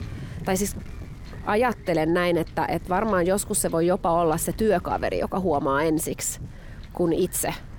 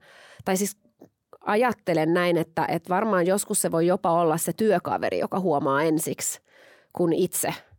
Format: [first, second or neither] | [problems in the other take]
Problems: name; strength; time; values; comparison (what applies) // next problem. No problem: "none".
second | wind noise on the microphone; occasional gusts; 25 dB below the speech